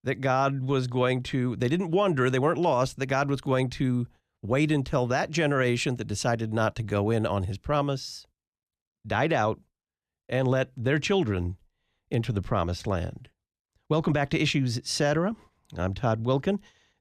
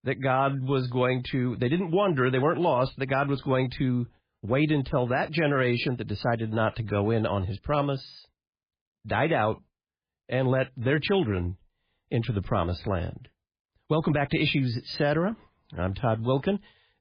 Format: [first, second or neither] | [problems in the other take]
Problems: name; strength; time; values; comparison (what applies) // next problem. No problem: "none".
first | garbled, watery; badly; nothing above 5 kHz